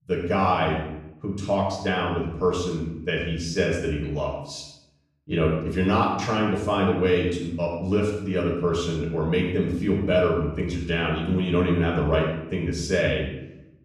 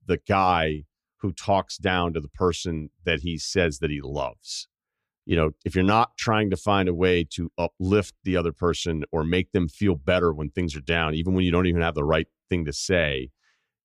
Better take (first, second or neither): second